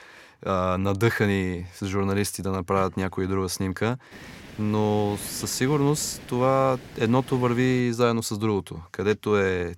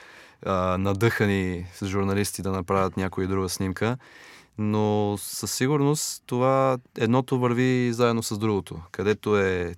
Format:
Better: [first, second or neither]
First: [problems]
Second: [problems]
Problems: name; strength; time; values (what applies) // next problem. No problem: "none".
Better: second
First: hiss; noticeable; from 4 to 8 s; 20 dB below the speech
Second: none